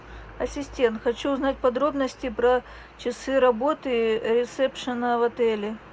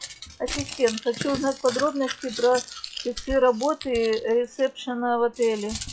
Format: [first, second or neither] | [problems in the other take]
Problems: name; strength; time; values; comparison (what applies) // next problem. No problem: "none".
first | noise reduction (classical method log-MMSE)